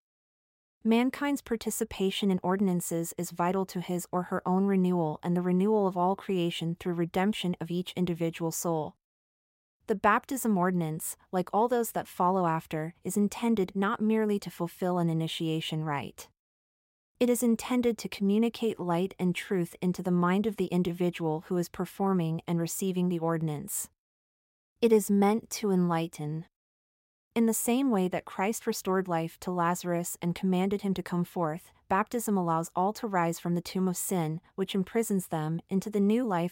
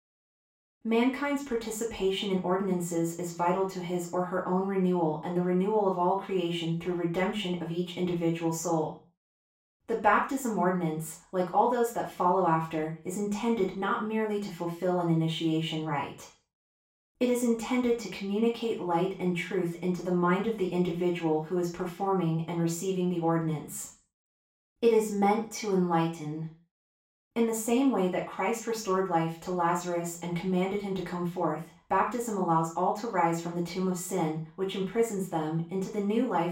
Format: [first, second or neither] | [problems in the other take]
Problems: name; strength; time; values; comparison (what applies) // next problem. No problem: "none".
first | room echo; noticeable; dies away in 0.3 s // off-mic speech; far